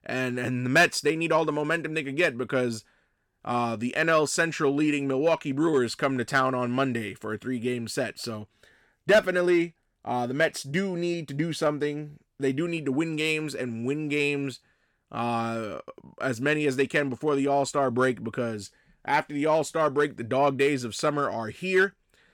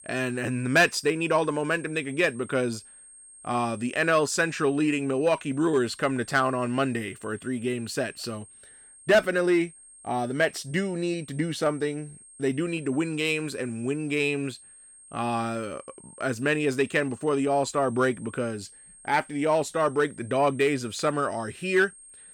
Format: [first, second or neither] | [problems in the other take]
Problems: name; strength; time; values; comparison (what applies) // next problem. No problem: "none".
first | high-pitched whine; faint; throughout; 8.5 kHz, 20 dB below the speech